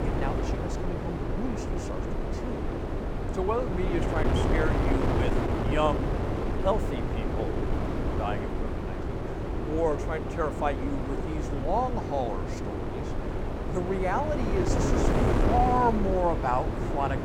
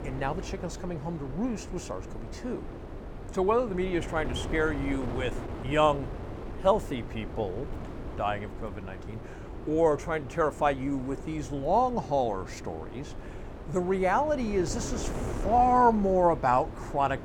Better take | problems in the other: second | wind noise on the microphone; heavy; 4 dB below the speech; occasional gusts in the second

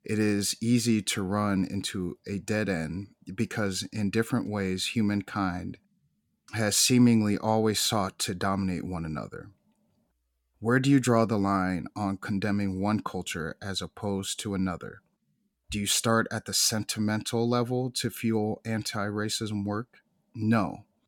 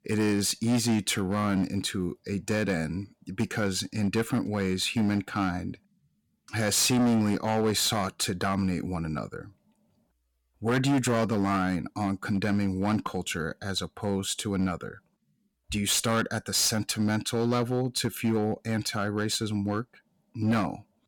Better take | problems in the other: first | distortion; slight; 7% of the sound clipped

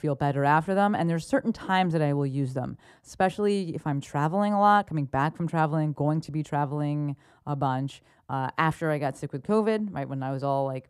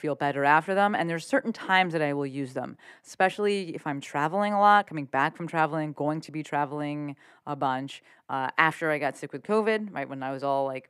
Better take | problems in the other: first | thin; very slightly; fading below 250 Hz

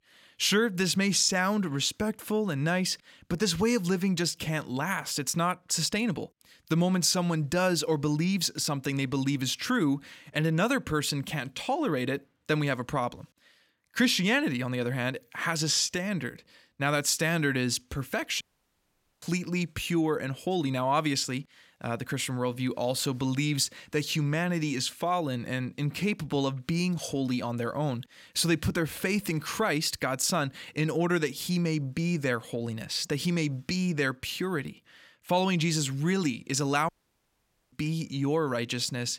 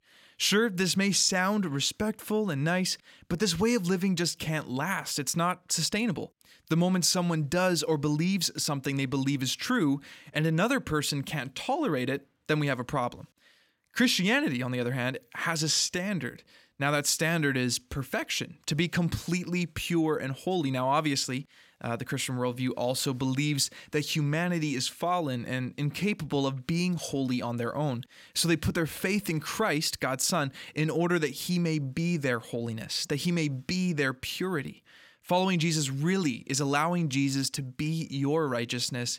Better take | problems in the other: second | audio cutting out; at 18 s for 1 s and at 37 s for 1 s

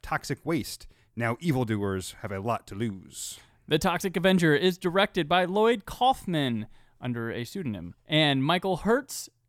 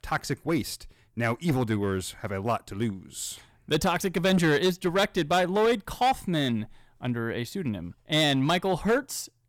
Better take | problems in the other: first | distortion; slight; 5% of the sound clipped

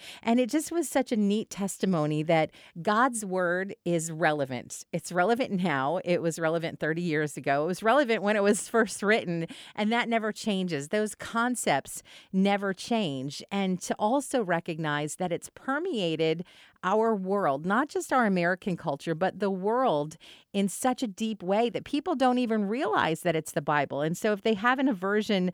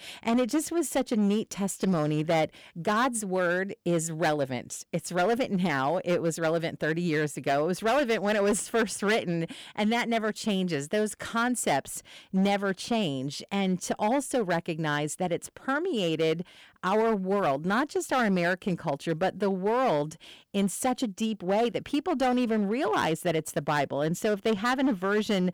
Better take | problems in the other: first | distortion; slight; 8% of the sound clipped

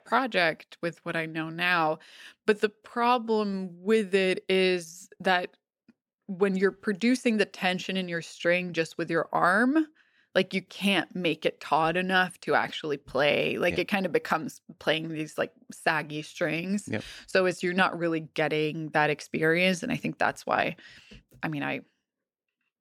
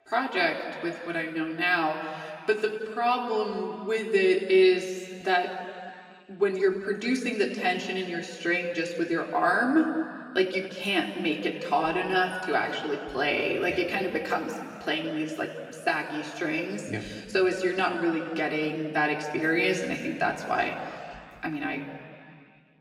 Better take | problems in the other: first | room echo; noticeable; dies away in 2 s // off-mic speech; far

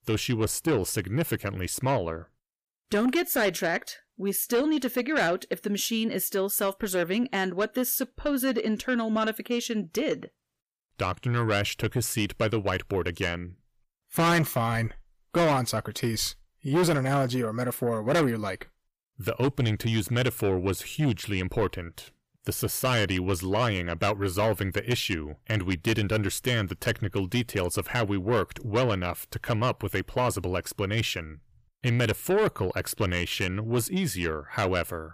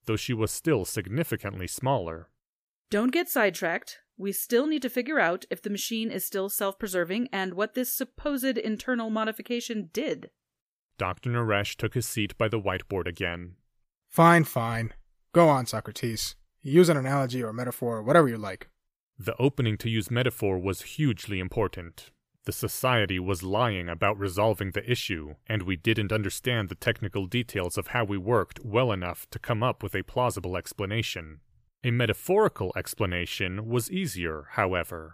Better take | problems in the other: second | distortion; heavy; 8 dB below the speech

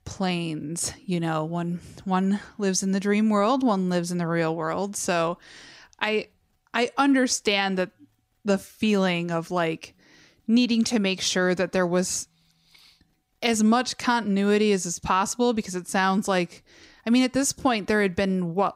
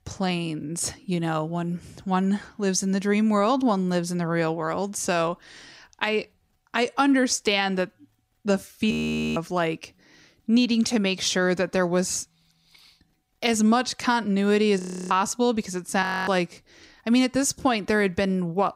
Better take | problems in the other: first | audio freezing; at 9 s, at 15 s and at 16 s

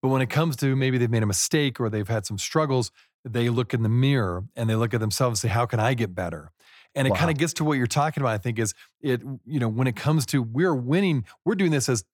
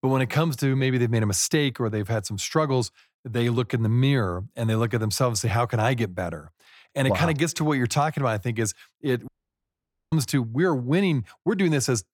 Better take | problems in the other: first | audio cutting out; at 9.5 s for 1 s

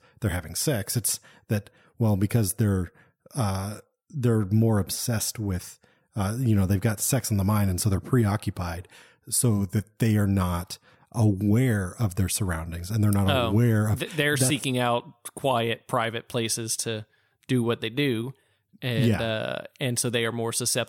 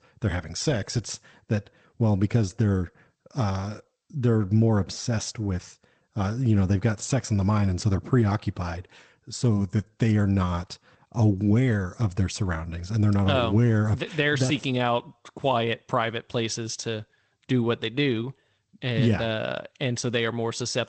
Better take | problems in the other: first | garbled, watery; slightly; nothing above 8 kHz

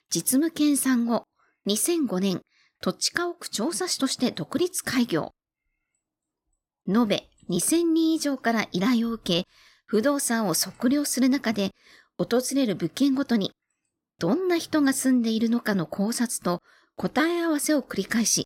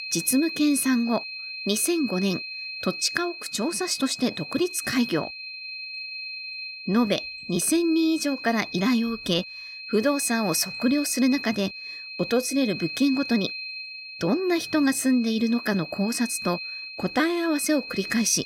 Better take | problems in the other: first | high-pitched whine; loud; throughout; 2.5 kHz, 9 dB below the speech

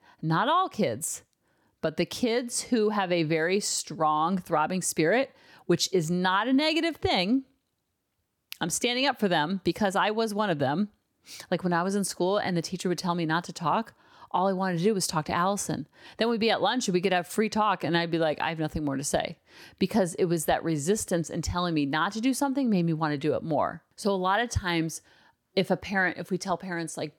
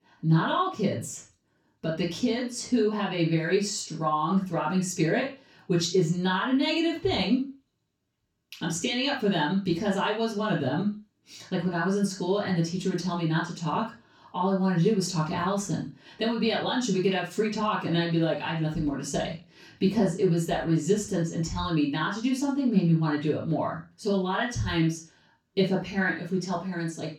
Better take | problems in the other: first | room echo; noticeable; dies away in 0.3 s // off-mic speech; far

